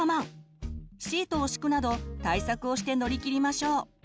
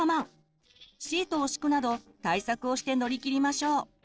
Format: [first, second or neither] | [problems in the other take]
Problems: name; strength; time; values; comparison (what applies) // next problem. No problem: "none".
first | noise reduction (neural separator model SepFormer DNS4)